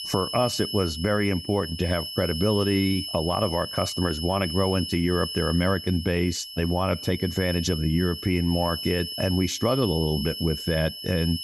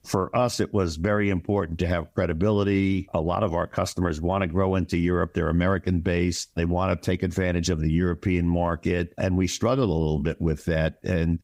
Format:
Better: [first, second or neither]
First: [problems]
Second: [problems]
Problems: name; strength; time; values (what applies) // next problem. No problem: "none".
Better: second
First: high-pitched whine; loud; throughout; 3 kHz, 7 dB below the speech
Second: none